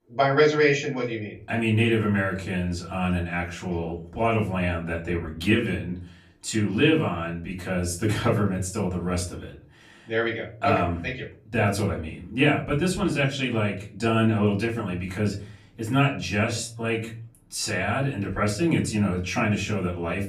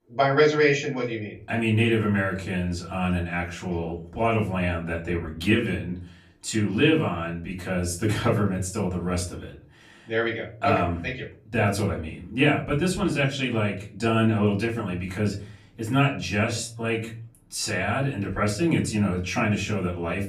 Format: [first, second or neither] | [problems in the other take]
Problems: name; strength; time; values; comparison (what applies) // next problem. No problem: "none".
neither | off-mic speech; far; the same in both // room echo; very slight; dies away in 0.4 s; the same in both